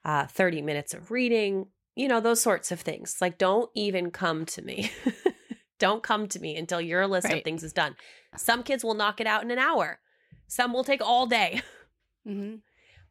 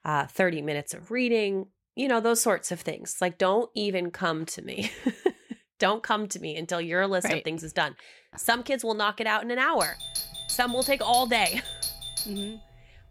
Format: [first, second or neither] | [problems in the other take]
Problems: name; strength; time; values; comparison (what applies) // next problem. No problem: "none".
first | doorbell; noticeable; from 10 s on; peak 2 dB below the speech